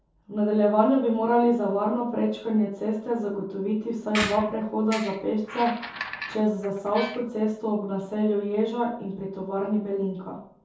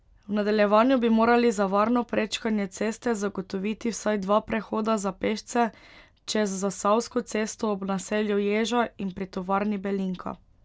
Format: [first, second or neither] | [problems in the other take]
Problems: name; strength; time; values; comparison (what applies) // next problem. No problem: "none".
second | background sound (Squeak); 10 dB below the speech // room echo; dies away in 0.6 s